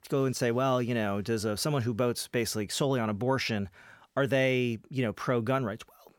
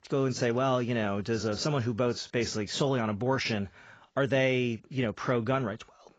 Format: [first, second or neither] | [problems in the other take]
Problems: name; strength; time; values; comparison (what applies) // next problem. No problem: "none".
first | garbled, watery; badly; nothing above 7.5 kHz